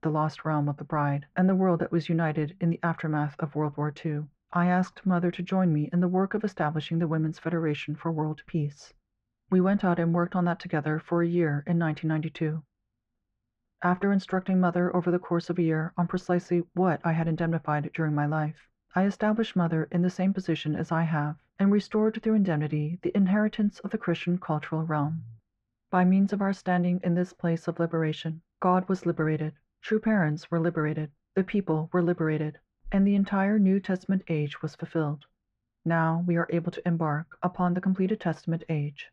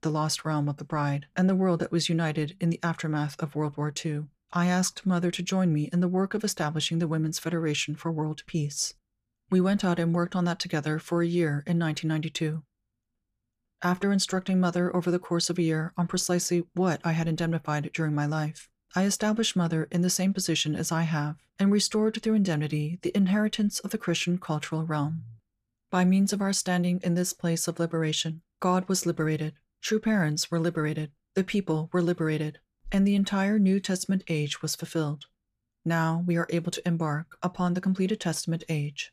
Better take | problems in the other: second | muffled; very; fading above 1.5 kHz

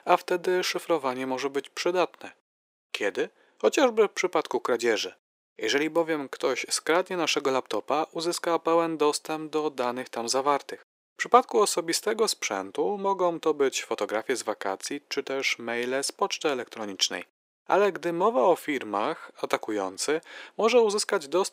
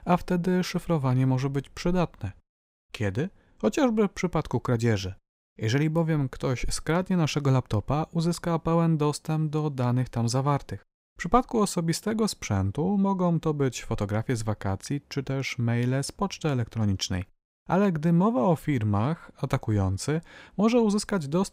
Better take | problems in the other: second | thin; very; fading below 350 Hz

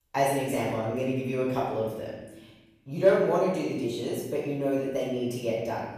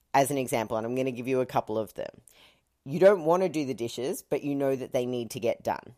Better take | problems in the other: second | off-mic speech; far // room echo; noticeable; dies away in 1.1 s

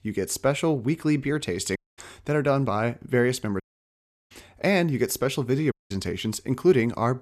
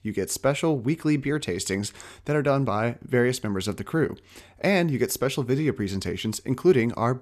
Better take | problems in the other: second | audio cutting out; at 2 s, at 3.5 s for 0.5 s and at 5.5 s

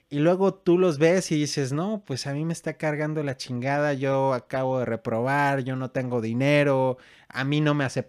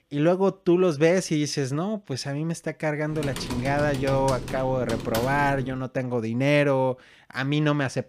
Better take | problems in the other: first | keyboard typing; noticeable; from 3 to 6 s; peak 7 dB below the speech

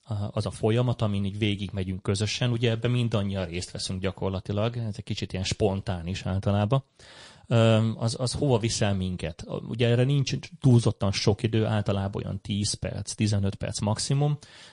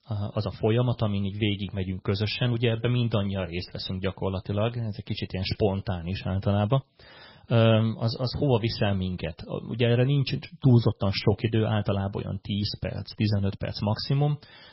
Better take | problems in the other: first | garbled, watery; badly; nothing above 5.5 kHz; slightly in the first

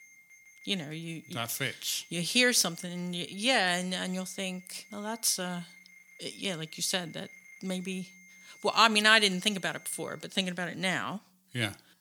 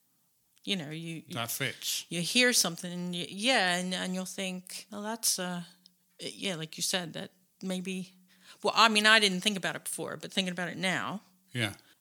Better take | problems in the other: second | alarms or sirens; faint; throughout; 25 dB below the speech

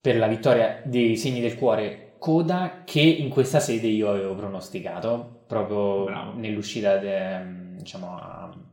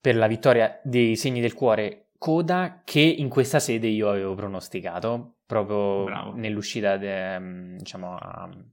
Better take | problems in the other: second | room echo; slight; dies away in 0.6 s

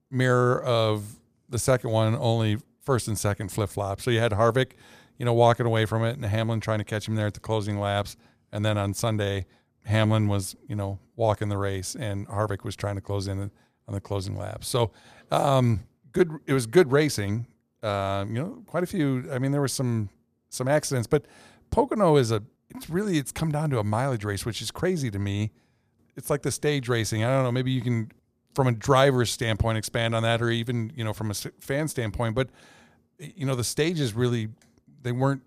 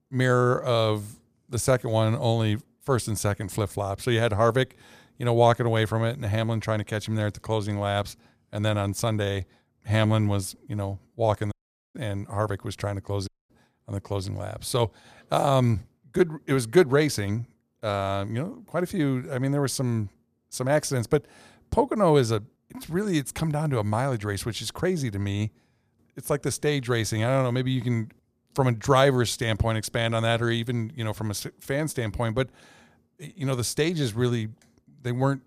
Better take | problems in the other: first | audio cutting out; at 12 s and at 13 s

